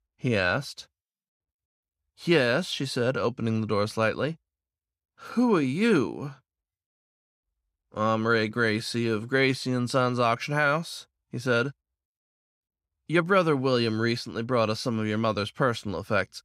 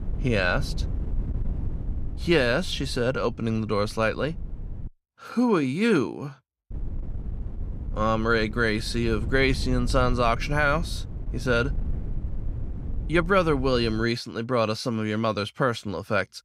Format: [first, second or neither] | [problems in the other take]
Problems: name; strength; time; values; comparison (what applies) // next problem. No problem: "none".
first | wind noise on the microphone; occasional gusts; until 5 s and from 6.5 to 14 s; 20 dB below the speech